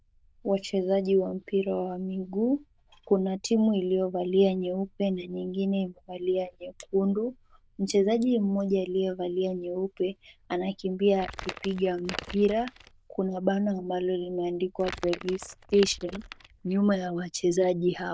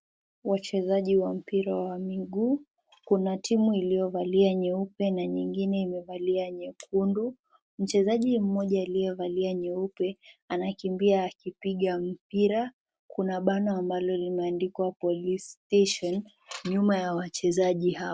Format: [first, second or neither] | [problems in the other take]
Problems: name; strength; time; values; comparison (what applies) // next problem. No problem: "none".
second | noise reduction (neural diffusion model UNIVERSE++)